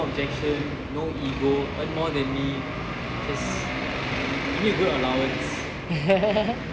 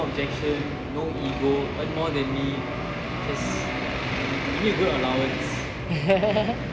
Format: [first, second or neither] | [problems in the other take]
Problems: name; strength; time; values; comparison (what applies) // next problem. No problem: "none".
first | background sound (Organ); 11 dB below the speech